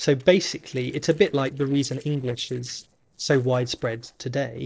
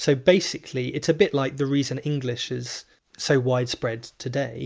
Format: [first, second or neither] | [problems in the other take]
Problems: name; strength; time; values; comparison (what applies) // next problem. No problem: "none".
second | noise reduction (neural separator model SepFormer DNS4)